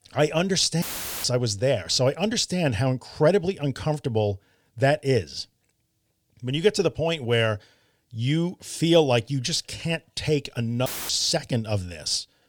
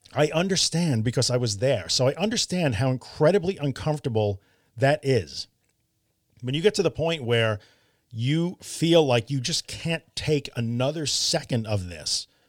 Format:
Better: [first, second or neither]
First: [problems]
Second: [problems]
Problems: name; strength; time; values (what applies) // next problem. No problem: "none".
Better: second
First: audio cutting out; filled with static; at 1 s and at 11 s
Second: none